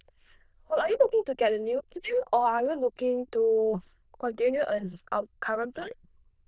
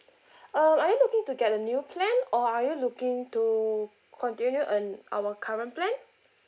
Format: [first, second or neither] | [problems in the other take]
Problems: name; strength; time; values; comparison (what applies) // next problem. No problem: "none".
second | noise reduction (neural diffusion model UNIVERSE++)